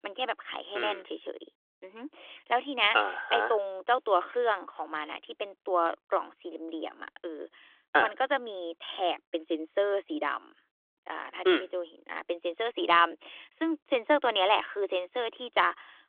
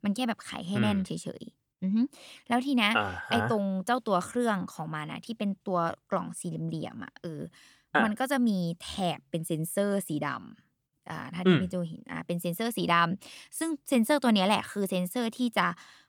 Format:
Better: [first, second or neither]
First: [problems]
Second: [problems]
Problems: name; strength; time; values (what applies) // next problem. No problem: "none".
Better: second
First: phone-call audio; nothing above 3.5 kHz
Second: none